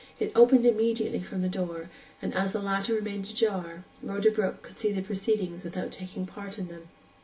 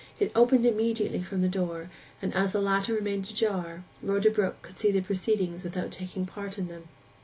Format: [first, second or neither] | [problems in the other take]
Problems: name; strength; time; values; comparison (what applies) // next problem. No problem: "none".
second | room echo; dies away in 0.5 s